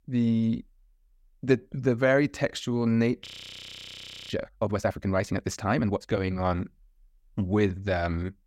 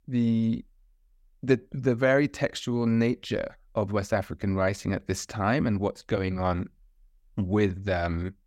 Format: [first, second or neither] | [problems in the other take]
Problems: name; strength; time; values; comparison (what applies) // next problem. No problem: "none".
second | audio freezing; at 3.5 s for 1 s